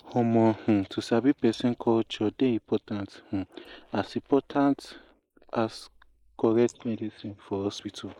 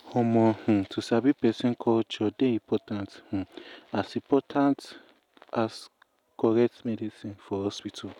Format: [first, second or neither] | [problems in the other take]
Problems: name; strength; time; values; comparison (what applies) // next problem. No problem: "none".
second | noise reduction (neural mask model Resemble Enhance denoiser)